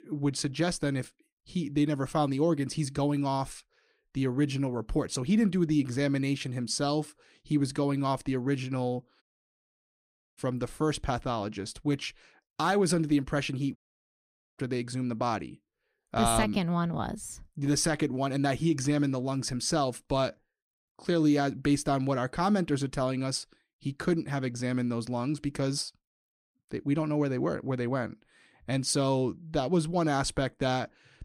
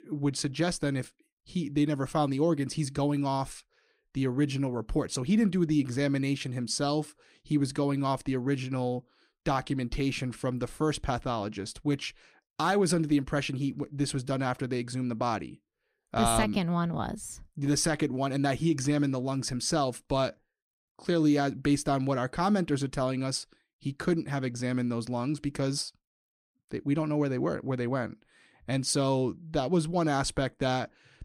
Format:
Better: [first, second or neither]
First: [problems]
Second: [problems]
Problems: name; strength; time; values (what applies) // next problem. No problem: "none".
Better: second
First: audio cutting out; at 9 s for 1 s and at 14 s for 1 s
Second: none